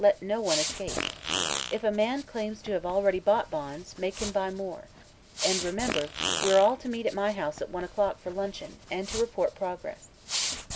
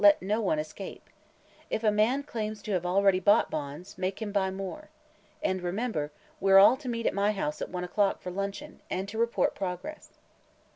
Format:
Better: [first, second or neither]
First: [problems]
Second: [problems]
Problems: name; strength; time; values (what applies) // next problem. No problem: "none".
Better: second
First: background sound (Fart); 7 dB below the speech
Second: none